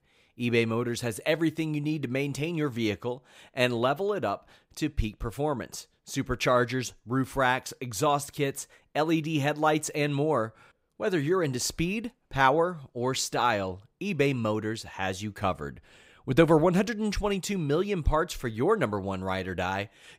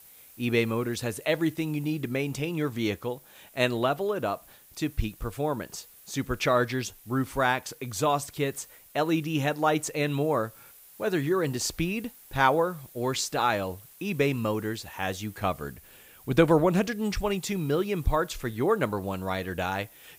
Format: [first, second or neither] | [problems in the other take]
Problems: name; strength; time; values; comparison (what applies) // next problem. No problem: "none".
first | hiss; faint; throughout; 20 dB below the speech